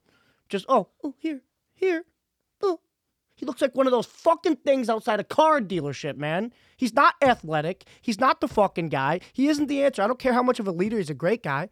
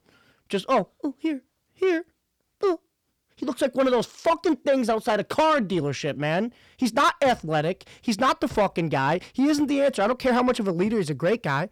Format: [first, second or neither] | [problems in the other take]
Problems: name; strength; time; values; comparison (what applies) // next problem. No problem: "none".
first | distortion; slight; 10 dB below the speech